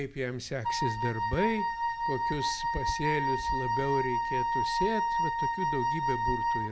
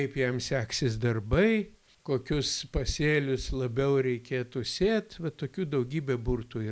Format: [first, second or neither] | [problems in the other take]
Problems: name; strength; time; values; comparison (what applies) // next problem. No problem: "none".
second | background sound (Wind instrument, woodwind instrument); 3 dB above the speech